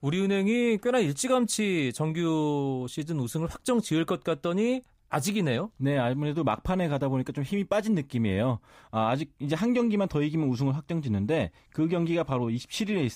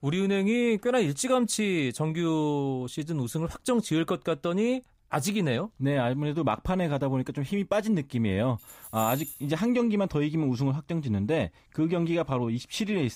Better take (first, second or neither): first